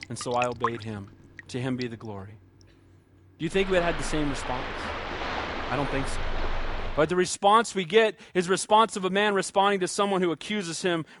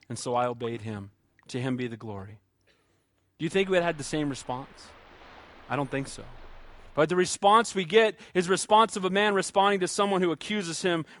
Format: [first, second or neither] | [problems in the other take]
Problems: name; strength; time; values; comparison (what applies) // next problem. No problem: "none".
second | rain or running water; loud; until 7 s; 8 dB below the speech; faint in the second